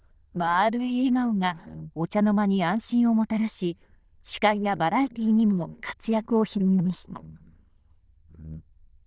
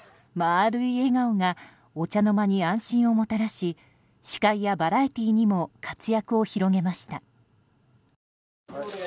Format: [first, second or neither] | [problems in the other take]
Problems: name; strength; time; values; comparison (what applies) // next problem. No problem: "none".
second | noise reduction (neural diffusion model UNIVERSE++)